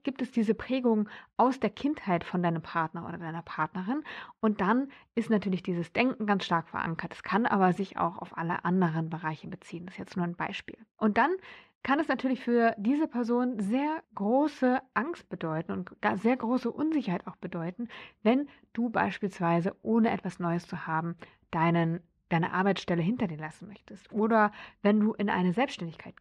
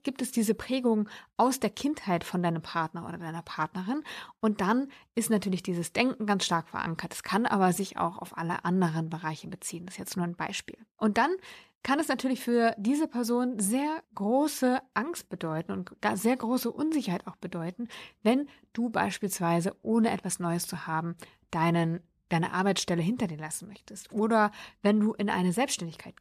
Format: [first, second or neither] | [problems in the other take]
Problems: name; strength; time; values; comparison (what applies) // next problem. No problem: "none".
second | muffled; slightly; fading above 2.5 kHz